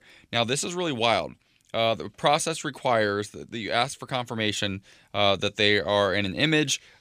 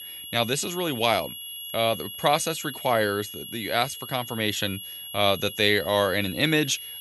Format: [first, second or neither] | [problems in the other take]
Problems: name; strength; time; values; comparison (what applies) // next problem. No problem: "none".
first | high-pitched whine; noticeable; throughout; 3 kHz, 10 dB below the speech